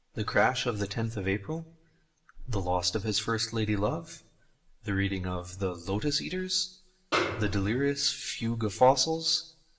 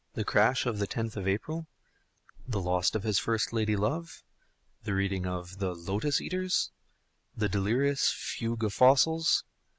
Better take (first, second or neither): second